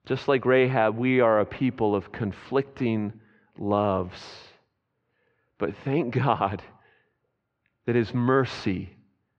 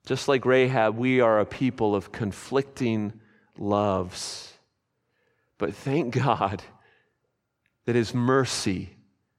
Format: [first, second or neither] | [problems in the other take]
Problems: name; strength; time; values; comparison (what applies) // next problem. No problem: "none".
second | muffled; slightly; fading above 3.5 kHz